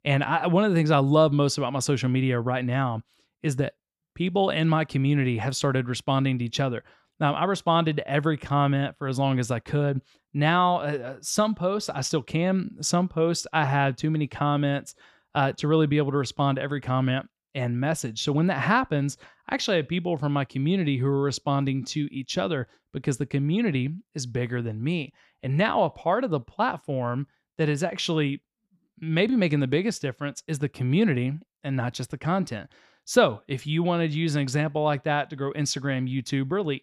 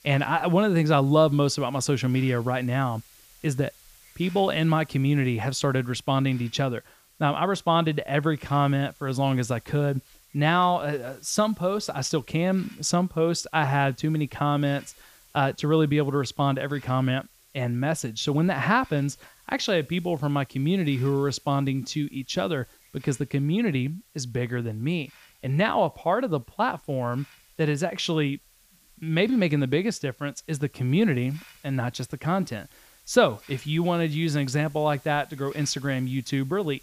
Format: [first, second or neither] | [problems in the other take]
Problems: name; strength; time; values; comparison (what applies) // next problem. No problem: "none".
first | hiss; faint; throughout; 25 dB below the speech